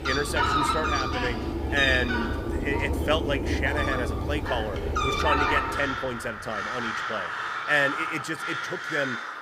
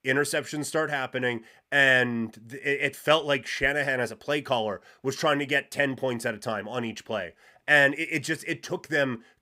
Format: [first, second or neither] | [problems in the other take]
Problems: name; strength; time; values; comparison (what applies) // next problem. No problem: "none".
second | animal sounds; very loud; throughout; 1 dB above the speech